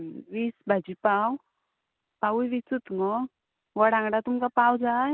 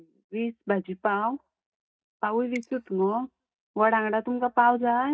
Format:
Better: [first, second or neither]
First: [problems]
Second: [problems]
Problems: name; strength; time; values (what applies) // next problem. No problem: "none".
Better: first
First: none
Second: noise reduction (neural mask model DeepFilterNet 3)